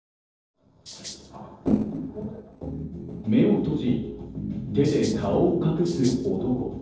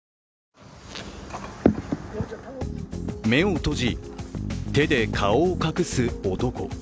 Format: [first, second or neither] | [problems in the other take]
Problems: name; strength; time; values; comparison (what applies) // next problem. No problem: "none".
second | noise reduction (neural separator model SepFormer DNS4)